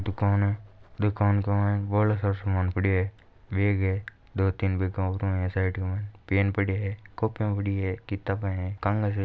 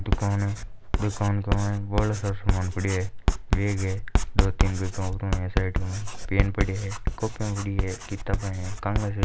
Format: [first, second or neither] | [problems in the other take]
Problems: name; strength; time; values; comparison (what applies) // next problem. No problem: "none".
first | background sound (Writing); 1 dB above the speech